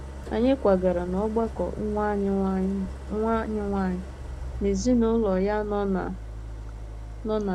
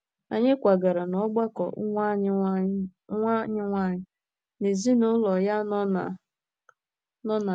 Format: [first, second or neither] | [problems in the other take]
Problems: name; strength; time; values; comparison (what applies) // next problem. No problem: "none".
second | background sound (Idling); 10 dB below the speech